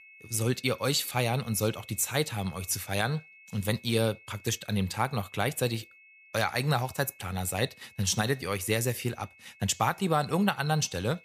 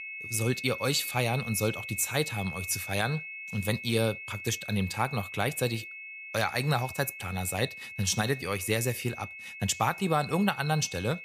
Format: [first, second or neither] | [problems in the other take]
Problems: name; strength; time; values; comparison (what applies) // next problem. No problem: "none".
first | high-pitched whine; loud; throughout; 2.5 kHz, 9 dB below the speech; faint in the first